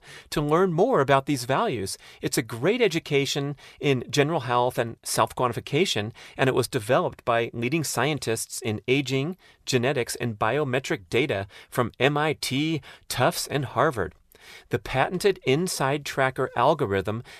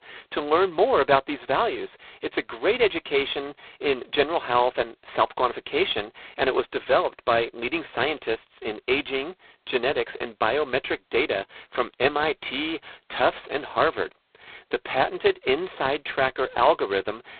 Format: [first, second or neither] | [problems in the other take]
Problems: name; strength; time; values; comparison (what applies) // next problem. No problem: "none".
first | phone-call audio; poor line; nothing above 4 kHz